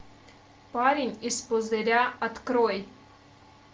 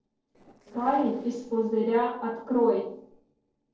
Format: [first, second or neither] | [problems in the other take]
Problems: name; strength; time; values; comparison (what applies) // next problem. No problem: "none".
first | noise reduction (neural separator model SepFormer DNS4)